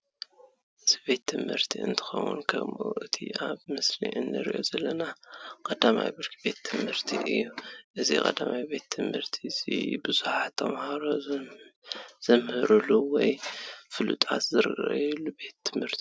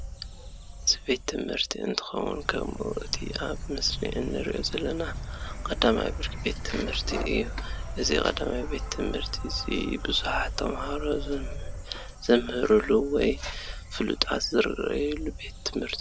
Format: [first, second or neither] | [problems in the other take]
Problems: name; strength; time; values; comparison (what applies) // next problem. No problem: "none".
first | background sound (Insect); 7 dB below the speech